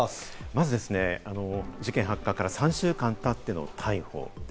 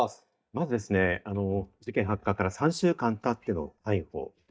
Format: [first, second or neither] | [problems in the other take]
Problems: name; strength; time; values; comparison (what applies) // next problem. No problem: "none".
first | noise reduction (neural mask model DeepFilterNet 3)